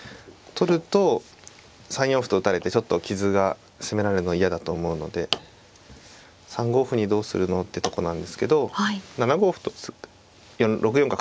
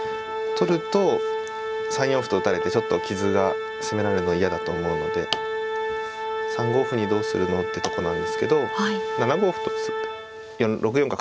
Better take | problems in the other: first | background sound (Organ); 2 dB below the speech

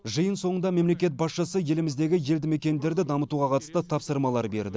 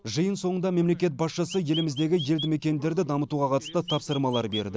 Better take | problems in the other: first | background sound (Chirp, tweet); 12 dB below the speech

